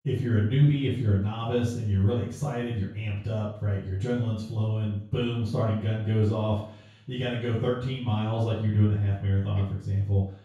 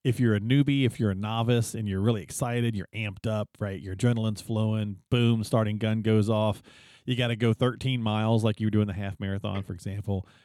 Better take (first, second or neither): second